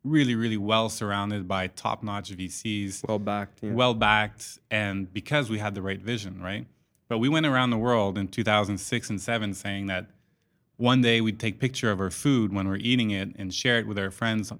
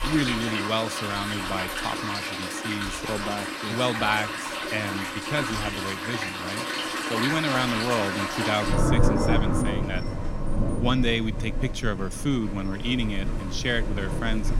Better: first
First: none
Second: rain or running water; very loud; throughout; as loud as the speech

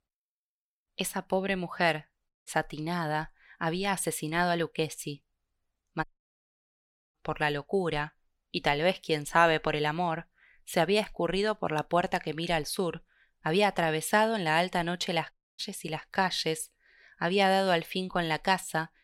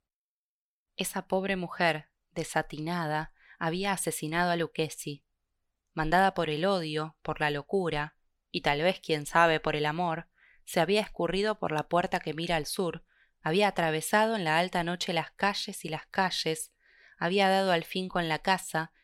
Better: second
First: audio cutting out; at 2.5 s, at 6 s for 1 s and at 15 s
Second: none

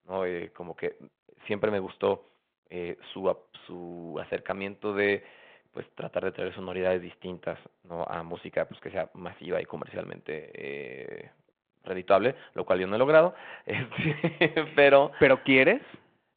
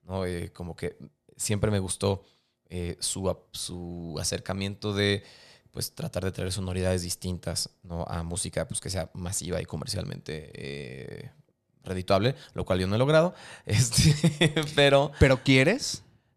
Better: second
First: phone-call audio; nothing above 3.5 kHz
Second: none

